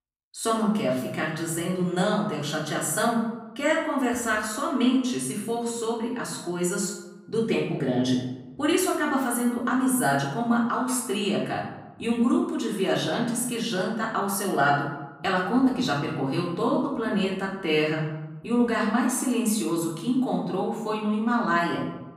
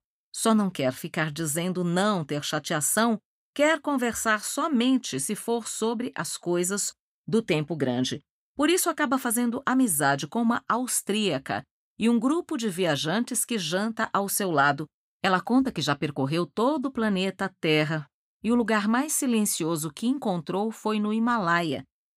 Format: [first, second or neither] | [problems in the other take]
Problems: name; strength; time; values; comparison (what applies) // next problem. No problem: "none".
second | off-mic speech; far // room echo; noticeable; dies away in 0.9 s